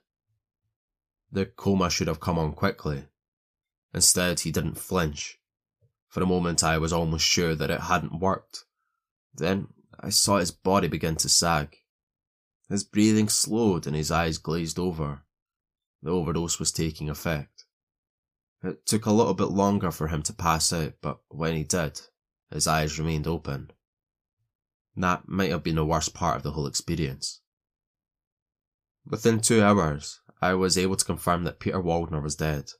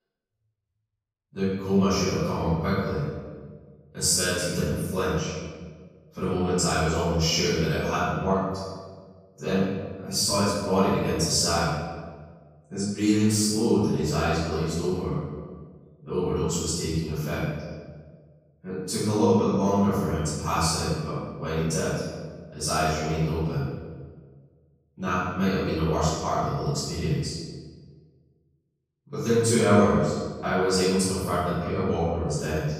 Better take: first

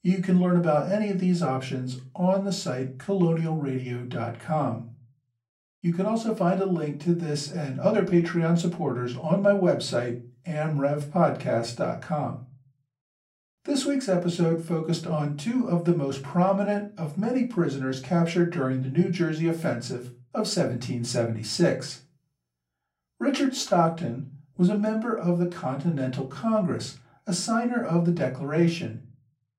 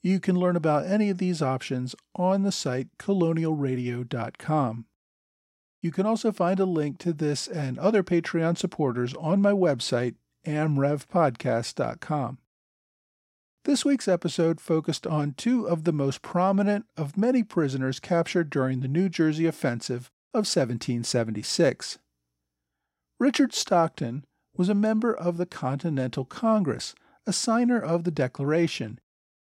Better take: second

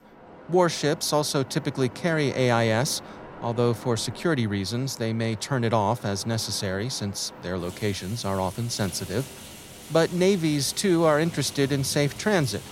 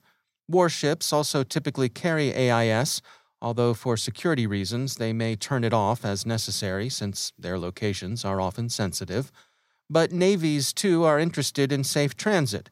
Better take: second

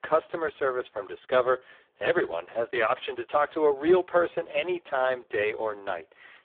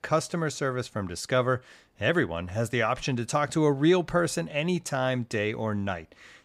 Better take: second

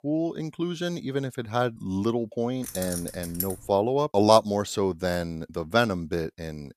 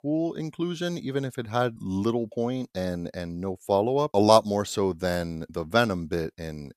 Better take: second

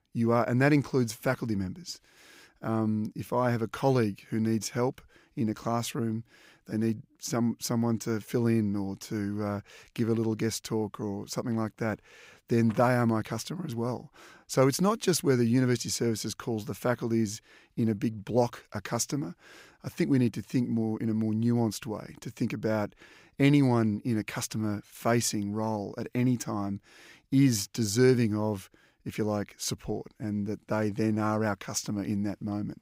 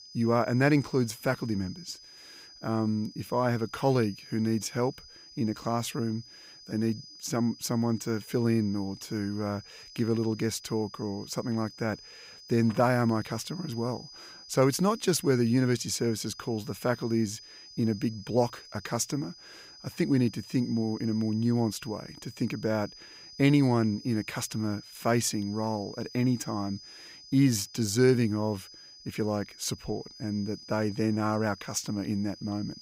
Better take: first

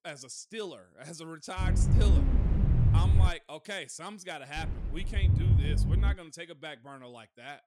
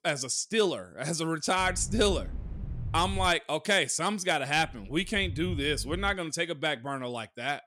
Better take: second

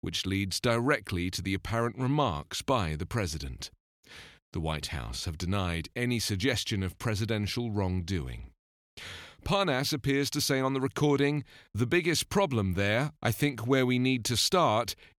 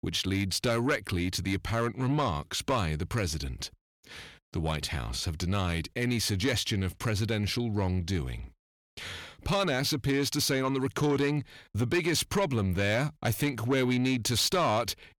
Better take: first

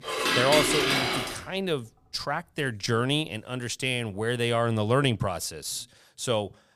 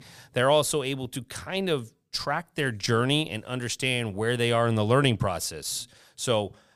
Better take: second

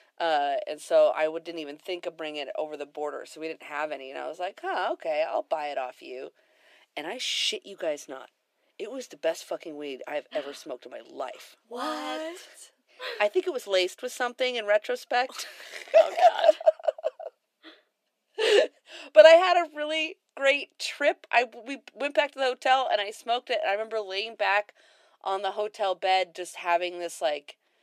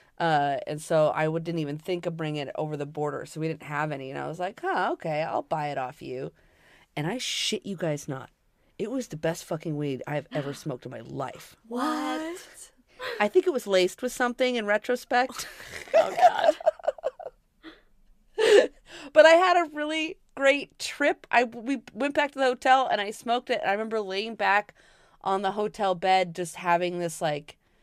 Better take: second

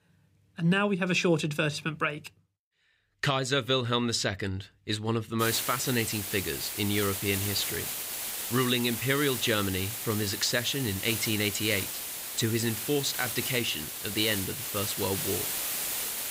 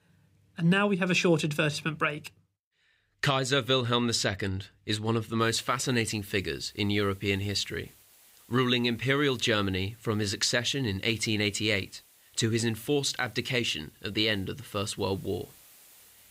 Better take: second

